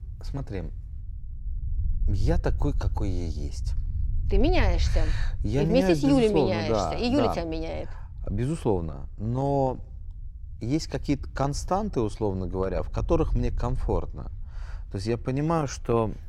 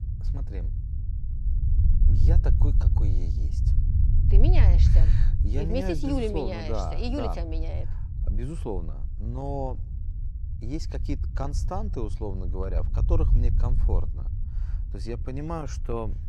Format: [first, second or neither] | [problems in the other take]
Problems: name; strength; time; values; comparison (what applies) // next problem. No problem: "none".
first | low rumble; loud; throughout; 9 dB below the speech; faint in the first